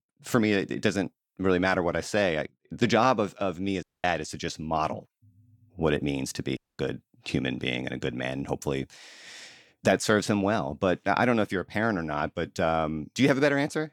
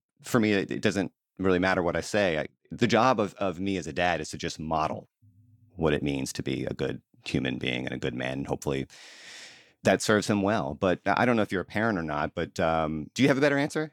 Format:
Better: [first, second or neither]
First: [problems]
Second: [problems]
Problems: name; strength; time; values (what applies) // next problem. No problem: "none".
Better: second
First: audio cutting out; at 4 s and at 6.5 s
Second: none